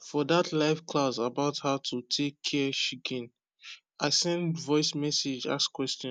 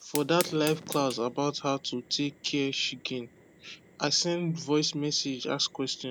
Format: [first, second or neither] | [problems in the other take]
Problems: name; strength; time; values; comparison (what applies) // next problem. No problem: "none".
first | background sound (Fire); 16 dB below the speech